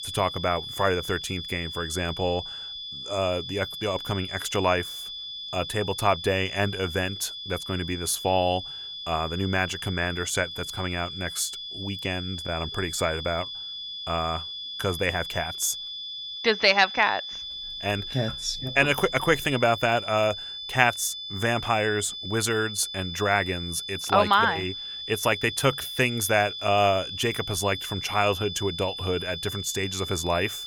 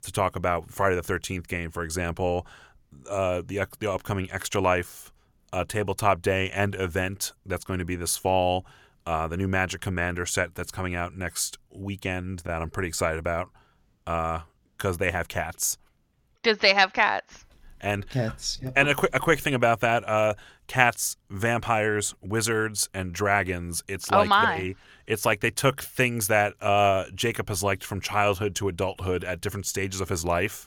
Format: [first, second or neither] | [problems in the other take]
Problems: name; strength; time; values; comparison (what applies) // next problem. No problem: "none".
second | high-pitched whine; loud; throughout; 3.5 kHz, 7 dB below the speech